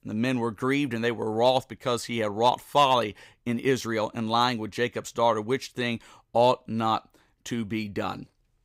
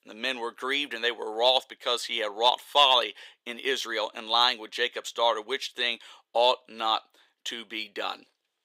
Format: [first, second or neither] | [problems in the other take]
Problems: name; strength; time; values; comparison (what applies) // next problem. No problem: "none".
first | thin; very; fading below 450 Hz